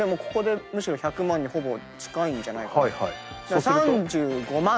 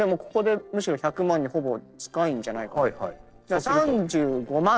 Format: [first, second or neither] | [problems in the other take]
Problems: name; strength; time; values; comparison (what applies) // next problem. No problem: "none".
first | noise reduction (neural separator model SepFormer DNS4)